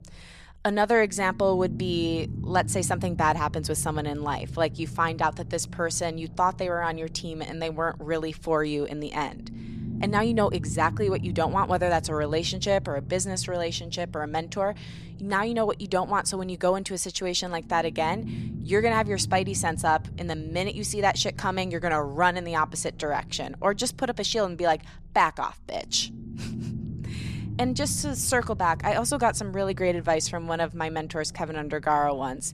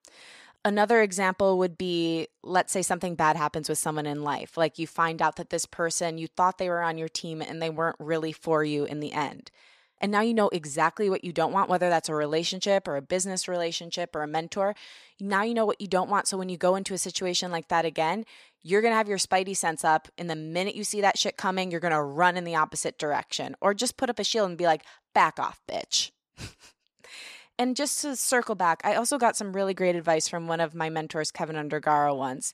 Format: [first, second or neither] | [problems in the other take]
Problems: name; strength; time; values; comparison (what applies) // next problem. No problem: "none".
second | low rumble; faint; throughout; 20 dB below the speech